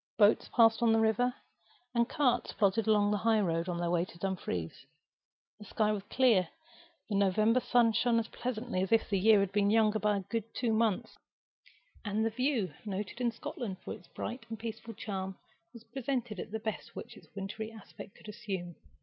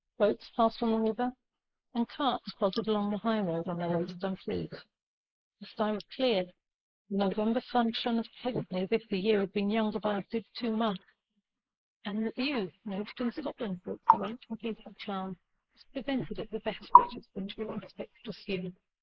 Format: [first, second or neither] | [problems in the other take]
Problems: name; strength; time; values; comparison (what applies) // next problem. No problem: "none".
first | noise reduction (neural mask model Resemble Enhance denoiser)